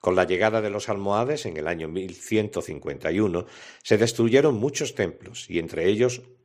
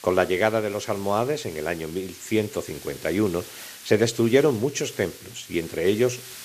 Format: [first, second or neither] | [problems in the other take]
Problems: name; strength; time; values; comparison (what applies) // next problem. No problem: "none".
first | hiss; noticeable; throughout; 15 dB below the speech